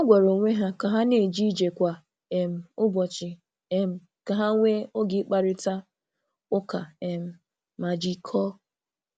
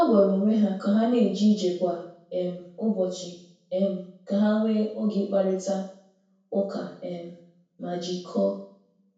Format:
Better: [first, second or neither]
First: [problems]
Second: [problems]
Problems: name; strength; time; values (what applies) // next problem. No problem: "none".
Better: first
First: none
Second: room echo; dies away in 0.6 s